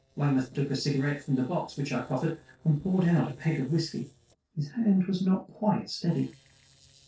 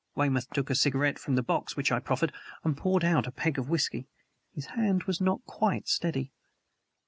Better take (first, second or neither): second